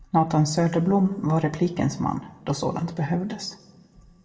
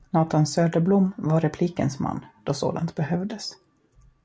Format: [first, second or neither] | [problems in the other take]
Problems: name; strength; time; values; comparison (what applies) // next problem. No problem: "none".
second | room echo; dies away in 0.9 s